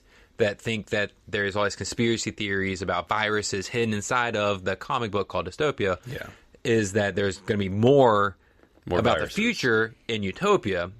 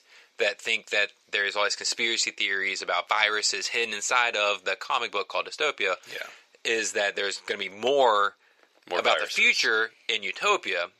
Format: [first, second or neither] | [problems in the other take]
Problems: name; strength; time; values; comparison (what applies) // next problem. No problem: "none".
first | thin; very; fading below 650 Hz